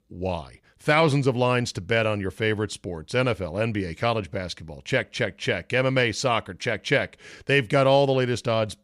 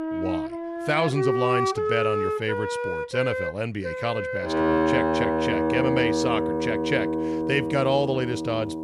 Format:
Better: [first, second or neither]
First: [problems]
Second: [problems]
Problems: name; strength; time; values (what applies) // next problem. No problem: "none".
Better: first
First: none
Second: background music; very loud; throughout; 2 dB above the speech